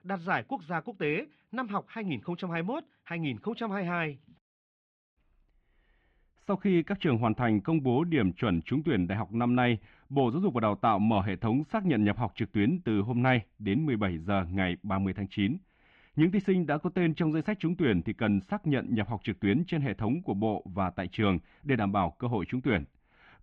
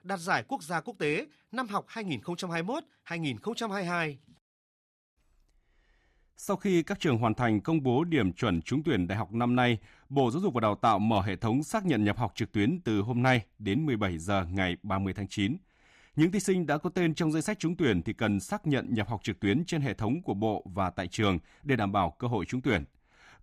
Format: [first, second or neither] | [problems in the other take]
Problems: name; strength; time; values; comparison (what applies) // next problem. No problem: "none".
second | muffled; very; fading above 3 kHz